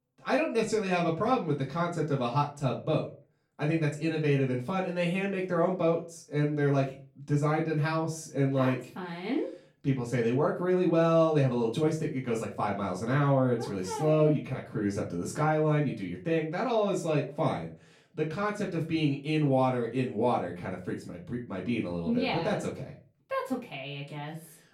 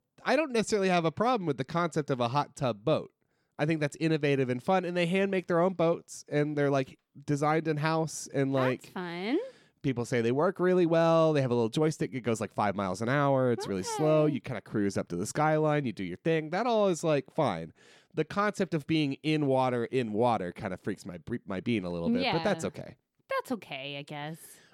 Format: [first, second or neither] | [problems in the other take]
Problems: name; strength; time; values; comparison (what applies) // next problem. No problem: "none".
second | off-mic speech; far // room echo; slight; dies away in 0.3 s